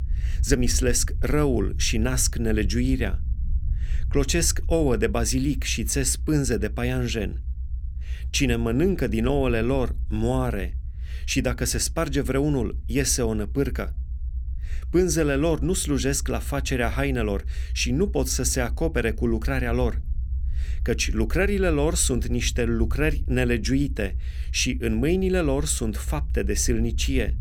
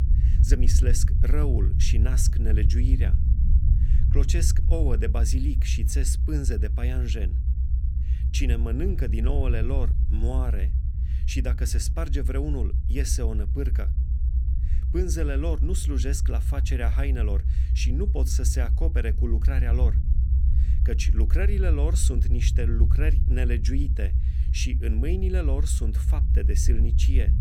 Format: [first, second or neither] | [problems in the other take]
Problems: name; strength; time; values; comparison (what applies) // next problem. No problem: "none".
first | low rumble; loud; throughout; 8 dB below the speech; faint in the first